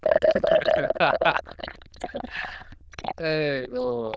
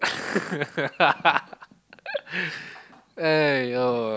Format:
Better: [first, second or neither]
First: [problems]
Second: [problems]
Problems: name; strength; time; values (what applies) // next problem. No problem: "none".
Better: second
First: noise reduction (neural diffusion model UNIVERSE++)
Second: none